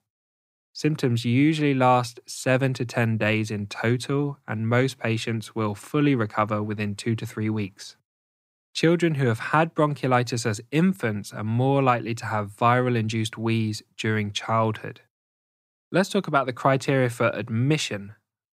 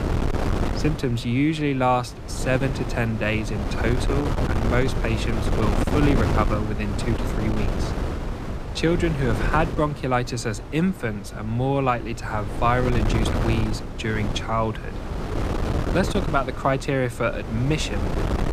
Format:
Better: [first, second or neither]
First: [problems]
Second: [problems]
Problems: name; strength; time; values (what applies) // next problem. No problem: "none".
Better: first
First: none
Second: wind noise on the microphone; heavy; 6 dB below the speech